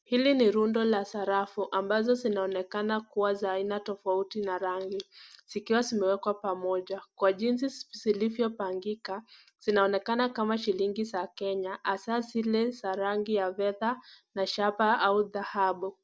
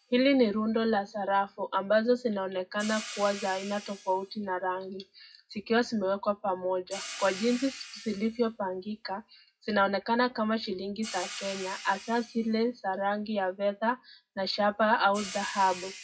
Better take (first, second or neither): first